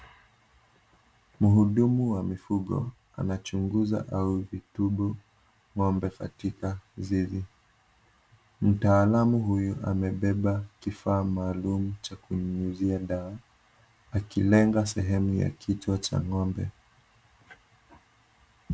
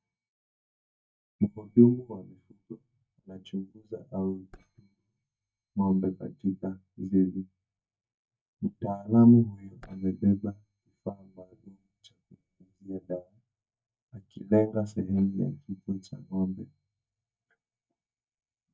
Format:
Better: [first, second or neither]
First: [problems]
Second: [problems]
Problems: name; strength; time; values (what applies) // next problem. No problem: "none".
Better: first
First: none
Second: noise reduction (neural mask model DeepFilterNet 3)